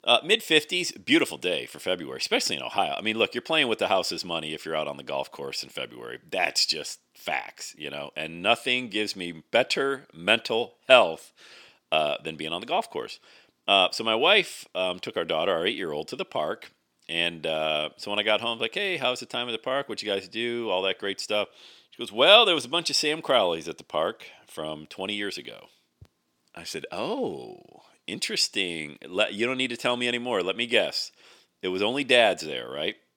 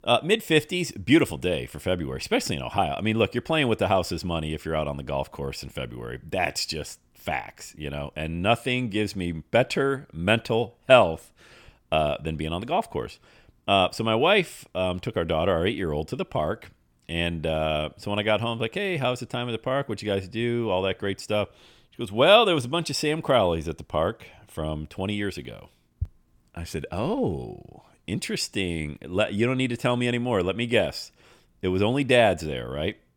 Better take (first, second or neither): second